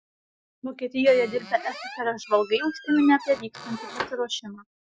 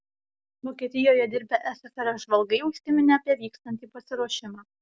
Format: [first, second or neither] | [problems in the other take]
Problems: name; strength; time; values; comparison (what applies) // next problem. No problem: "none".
second | noise reduction (classical method Wiener filter)